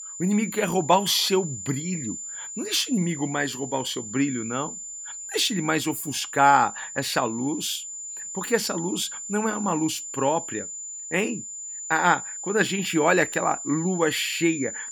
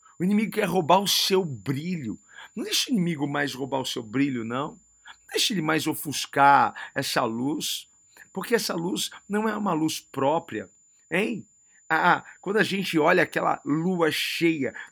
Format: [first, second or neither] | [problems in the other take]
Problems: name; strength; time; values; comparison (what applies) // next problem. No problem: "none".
second | high-pitched whine; loud; throughout; 7 kHz, 9 dB below the speech; faint in the second